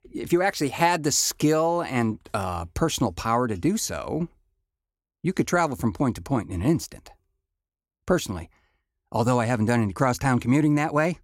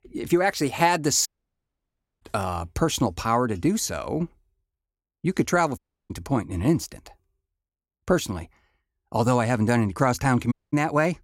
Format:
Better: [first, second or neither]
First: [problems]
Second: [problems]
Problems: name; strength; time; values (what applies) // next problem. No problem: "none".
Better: first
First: none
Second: audio cutting out; at 1.5 s for 1 s, at 6 s and at 11 s